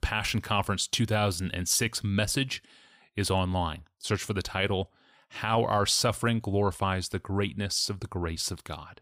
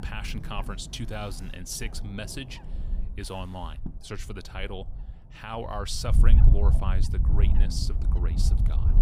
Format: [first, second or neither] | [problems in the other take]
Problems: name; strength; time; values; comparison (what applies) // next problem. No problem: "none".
first | wind noise on the microphone; heavy; 8 dB below the speech